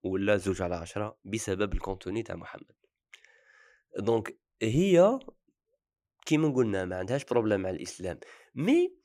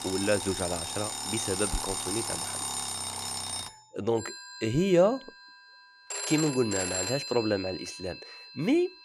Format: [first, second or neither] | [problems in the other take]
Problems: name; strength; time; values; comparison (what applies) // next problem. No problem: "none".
first | alarms or sirens; loud; throughout; 3 dB below the speech